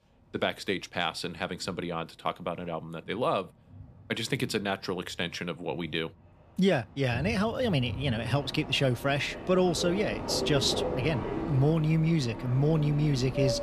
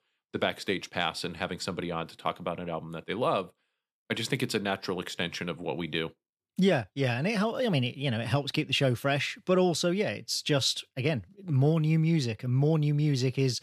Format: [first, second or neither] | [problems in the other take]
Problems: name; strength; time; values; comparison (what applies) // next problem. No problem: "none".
second | train or aircraft noise; loud; throughout; 7 dB below the speech